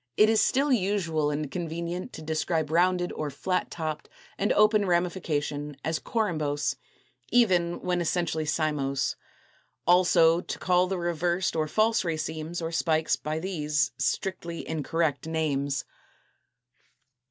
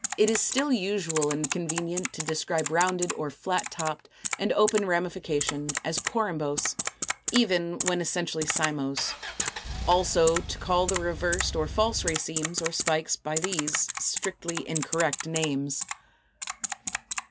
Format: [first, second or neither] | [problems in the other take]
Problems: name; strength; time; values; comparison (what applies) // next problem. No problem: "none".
first | background sound (Typing + Engine); 5 dB below the speech